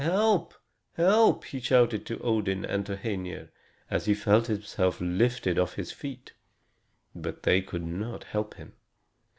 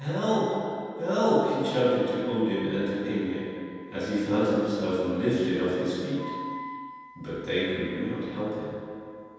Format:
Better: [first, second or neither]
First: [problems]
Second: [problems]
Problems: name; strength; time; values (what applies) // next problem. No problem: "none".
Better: first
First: none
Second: background sound (Wind instrument, woodwind instrument); 19 dB below the speech // room echo; dies away in 2.1 s